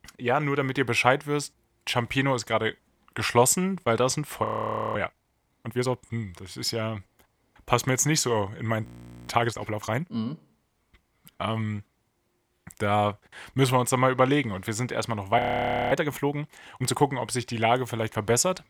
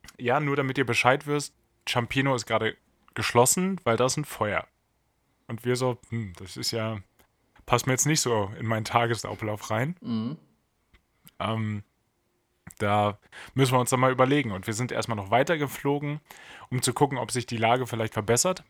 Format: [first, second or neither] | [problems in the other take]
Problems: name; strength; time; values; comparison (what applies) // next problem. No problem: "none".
second | audio freezing; at 4.5 s for 0.5 s, at 9 s and at 15 s for 0.5 s